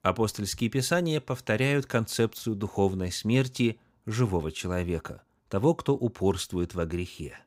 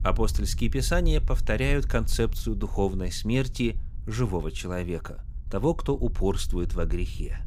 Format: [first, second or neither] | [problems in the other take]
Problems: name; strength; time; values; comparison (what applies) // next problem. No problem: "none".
first | low rumble; faint; throughout; 25 dB below the speech